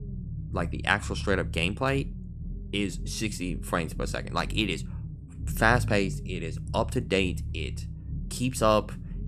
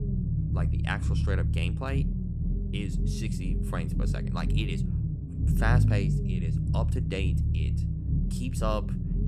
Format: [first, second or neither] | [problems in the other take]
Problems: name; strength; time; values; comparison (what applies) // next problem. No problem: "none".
first | low rumble; loud; throughout; 4 dB below the speech; faint in the first